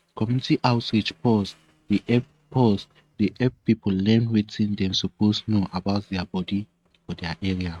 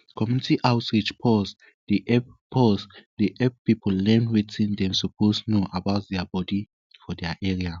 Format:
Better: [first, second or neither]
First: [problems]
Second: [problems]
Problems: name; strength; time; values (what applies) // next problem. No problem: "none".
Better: second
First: noise reduction (neural mask model RNNoise)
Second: none